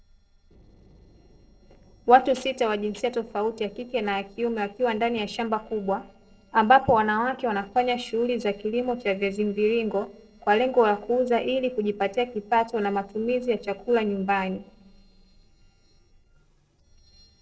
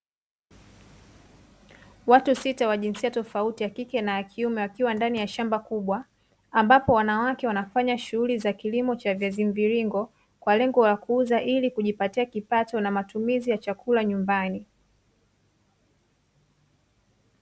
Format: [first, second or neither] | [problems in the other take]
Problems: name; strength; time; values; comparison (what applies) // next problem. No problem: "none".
second | noise reduction (neural separator model SepFormer DNS4)